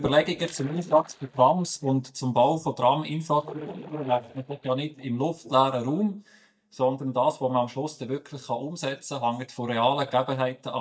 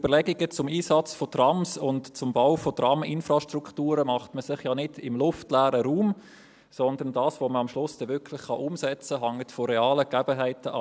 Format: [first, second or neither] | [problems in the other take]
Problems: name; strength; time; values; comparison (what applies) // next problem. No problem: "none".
second | noise reduction (neural mask model DeepFilterNet 3)